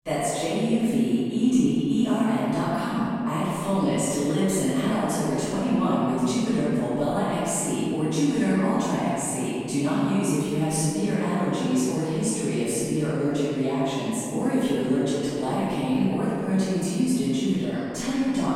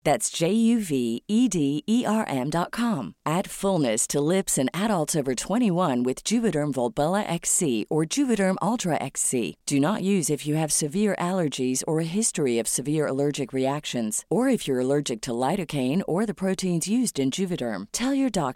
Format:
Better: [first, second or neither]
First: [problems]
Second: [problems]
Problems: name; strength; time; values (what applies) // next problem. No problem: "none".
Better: second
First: off-mic speech; far // room echo; strong; dies away in 2.3 s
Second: none